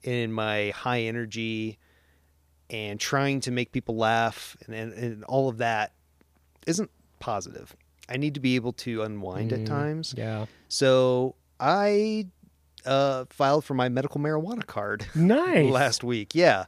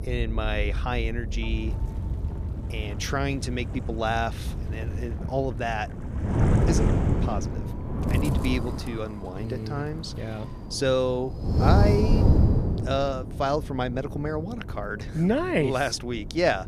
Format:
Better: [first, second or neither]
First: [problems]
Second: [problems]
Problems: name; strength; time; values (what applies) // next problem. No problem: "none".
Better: first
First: none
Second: wind noise on the microphone; heavy; 7 dB below the speech